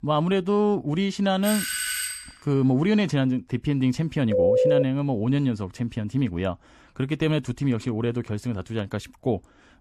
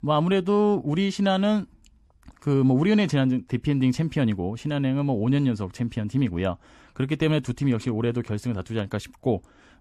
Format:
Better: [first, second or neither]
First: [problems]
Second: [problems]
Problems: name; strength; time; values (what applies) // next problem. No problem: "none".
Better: second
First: doorbell; noticeable; at 1.5 s; peak level with the speech // phone ringing; loud; at 4.5 s; peak 6 dB above the speech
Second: none